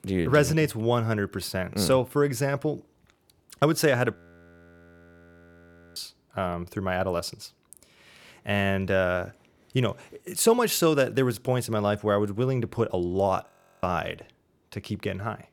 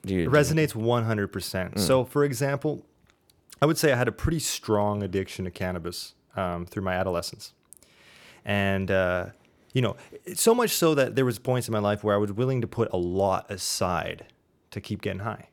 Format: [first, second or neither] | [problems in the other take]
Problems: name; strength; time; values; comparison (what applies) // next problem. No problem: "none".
second | audio freezing; at 4 s for 2 s and at 13 s